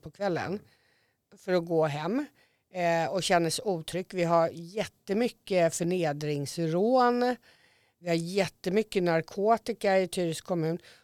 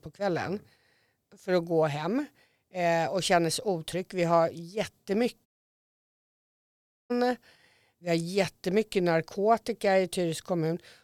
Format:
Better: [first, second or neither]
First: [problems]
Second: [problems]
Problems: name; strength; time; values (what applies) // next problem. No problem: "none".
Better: first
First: none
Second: audio cutting out; at 5.5 s for 1.5 s